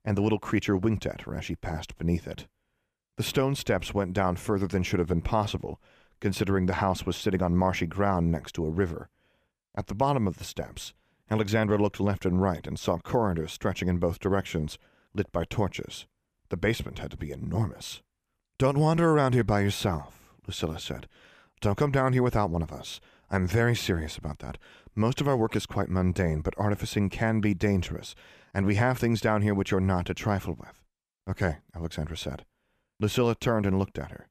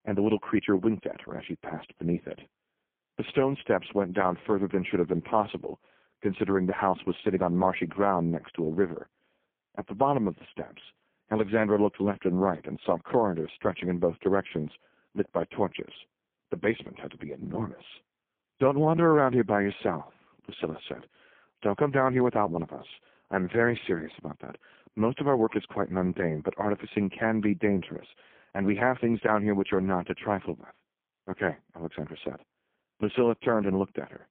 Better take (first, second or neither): first